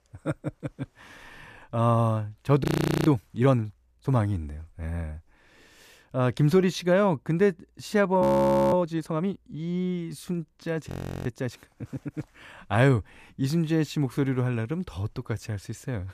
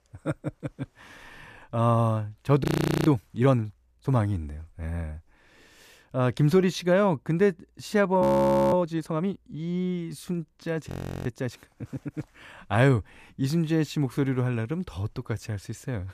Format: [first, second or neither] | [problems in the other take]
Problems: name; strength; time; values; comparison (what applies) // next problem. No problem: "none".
neither | audio freezing; at 2.5 s, at 8 s for 0.5 s and at 11 s; the same in both